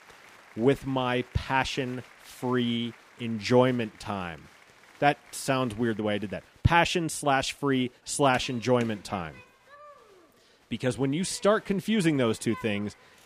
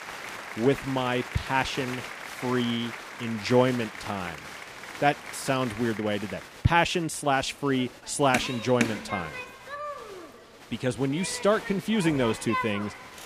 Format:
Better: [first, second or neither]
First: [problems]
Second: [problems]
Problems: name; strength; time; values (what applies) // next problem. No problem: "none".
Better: first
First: crowd noise; faint; throughout; 25 dB below the speech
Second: crowd noise; loud; throughout; 9 dB below the speech